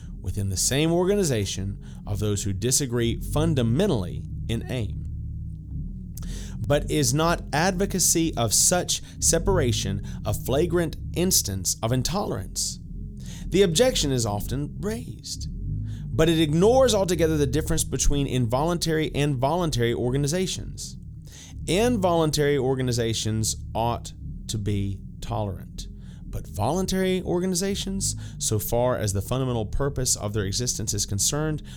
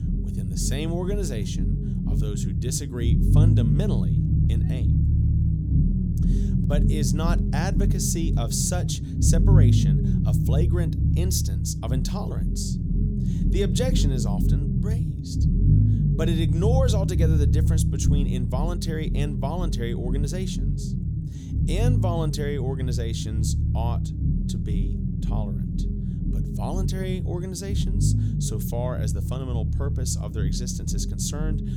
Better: first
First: low rumble; faint; throughout; 25 dB below the speech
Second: low rumble; loud; throughout; 2 dB below the speech

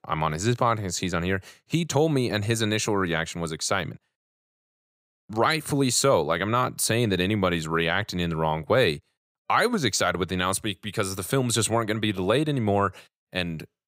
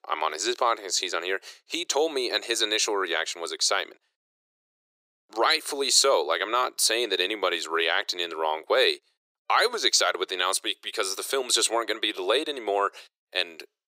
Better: first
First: none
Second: thin; very; fading below 350 Hz

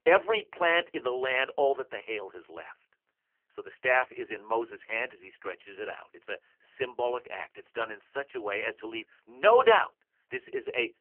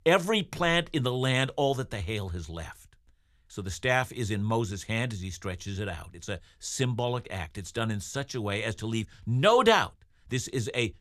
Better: second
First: phone-call audio; poor line; nothing above 3 kHz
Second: none

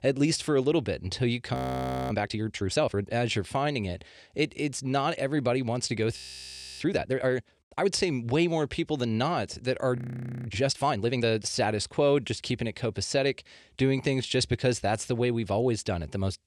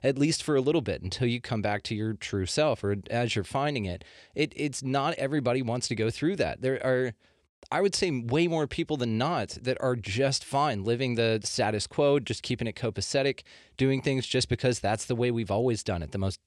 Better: second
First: audio freezing; at 1.5 s for 0.5 s, at 6 s for 0.5 s and at 10 s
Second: none

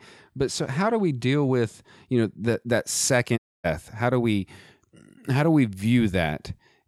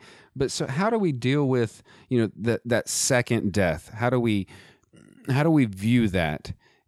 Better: second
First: audio cutting out; at 3.5 s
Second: none

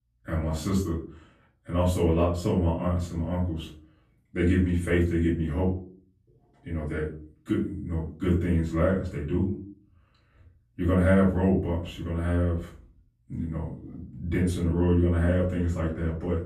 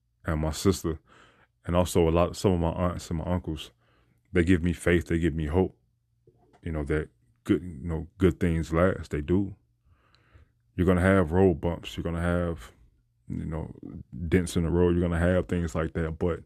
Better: second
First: off-mic speech; far // room echo; slight; dies away in 0.4 s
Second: none

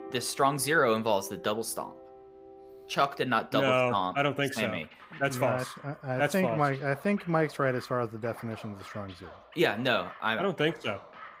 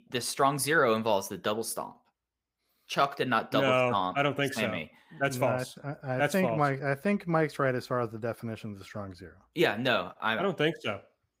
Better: second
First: background music; noticeable; throughout; 20 dB below the speech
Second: none

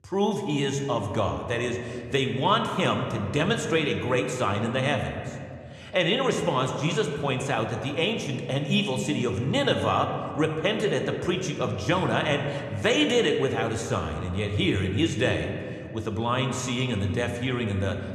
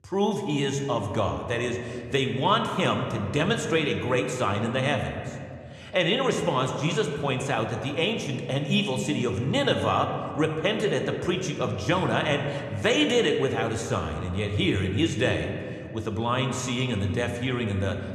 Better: neither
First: room echo; slight; dies away in 2 s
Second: room echo; slight; dies away in 2 s

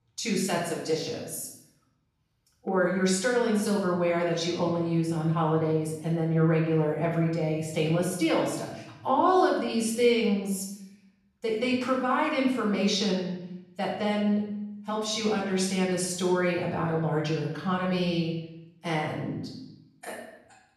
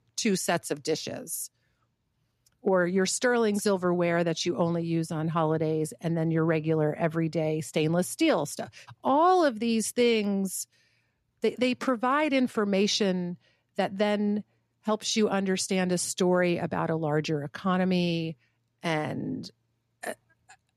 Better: second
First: room echo; noticeable; dies away in 0.7 s // off-mic speech; far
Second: none

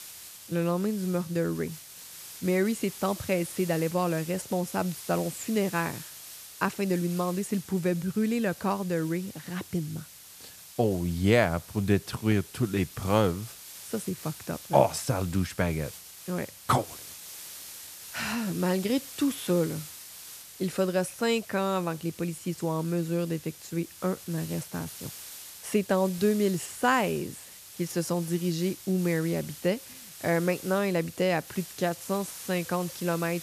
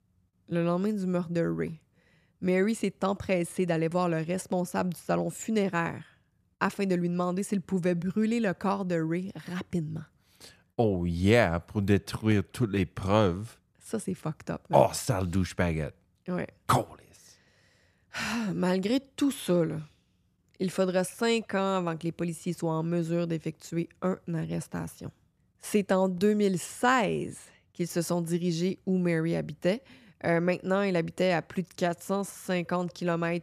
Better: second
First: hiss; noticeable; throughout; 15 dB below the speech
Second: none

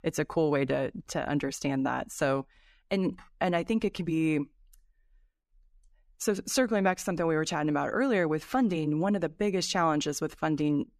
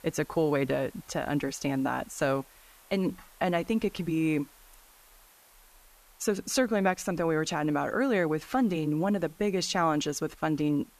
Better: first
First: none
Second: hiss; faint; throughout; 25 dB below the speech

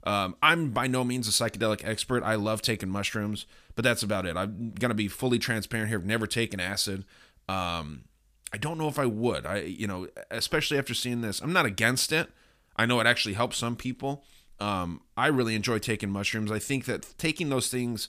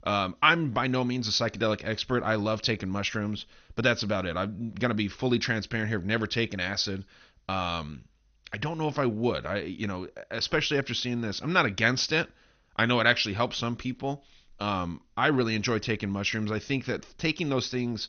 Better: first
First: none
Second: garbled, watery; slightly; nothing above 6.5 kHz

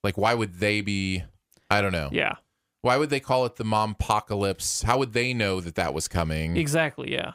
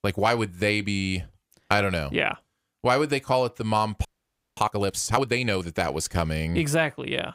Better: first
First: none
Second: audio freezing; at 4 s for 0.5 s

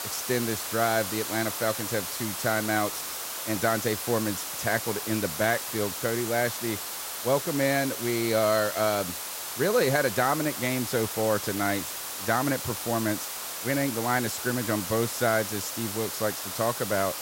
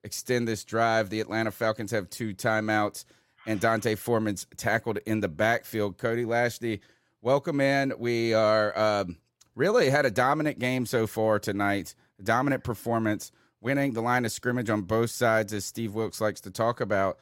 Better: second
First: hiss; loud; throughout; 4 dB below the speech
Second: none

